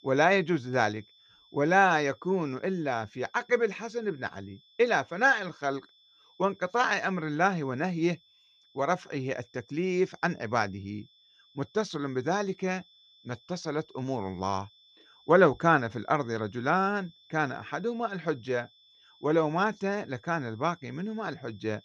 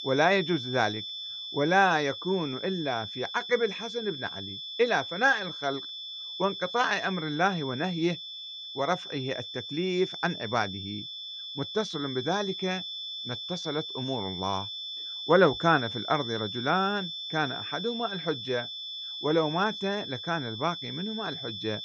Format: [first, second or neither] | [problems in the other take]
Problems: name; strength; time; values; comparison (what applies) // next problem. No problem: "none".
first | high-pitched whine; loud; throughout; 3.5 kHz, 7 dB below the speech; faint in the first